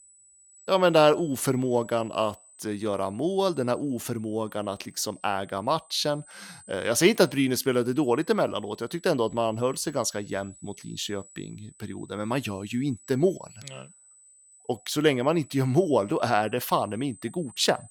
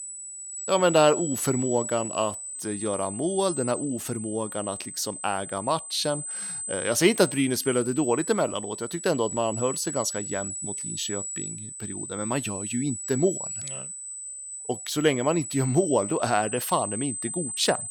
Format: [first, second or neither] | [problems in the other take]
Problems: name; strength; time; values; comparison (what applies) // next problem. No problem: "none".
first | high-pitched whine; loud; throughout; 8 kHz, 6 dB below the speech; faint in the first